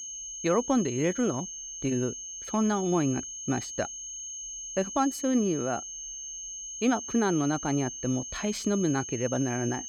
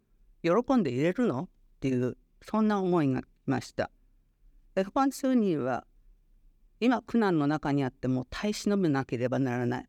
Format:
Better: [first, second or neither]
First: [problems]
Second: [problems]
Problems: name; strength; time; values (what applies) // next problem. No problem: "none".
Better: second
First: high-pitched whine; loud; throughout; 6.5 kHz, 7 dB below the speech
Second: none